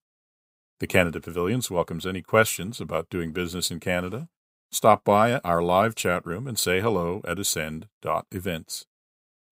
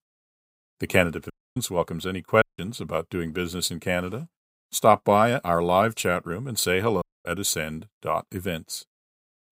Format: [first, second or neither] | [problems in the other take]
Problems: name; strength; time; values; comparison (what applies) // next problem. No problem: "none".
first | audio cutting out; at 1.5 s, at 2.5 s and at 7 s